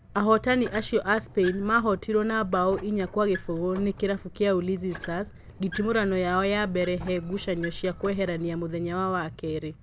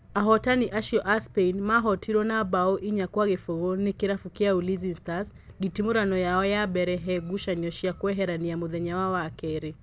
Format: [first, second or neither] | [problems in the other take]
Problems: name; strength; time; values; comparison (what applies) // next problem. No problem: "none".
second | background sound (Squeak); 16 dB below the speech